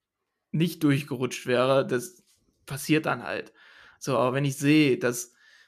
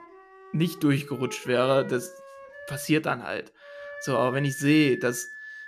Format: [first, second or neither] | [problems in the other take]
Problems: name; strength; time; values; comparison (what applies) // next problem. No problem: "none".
first | background music; noticeable; throughout; 15 dB below the speech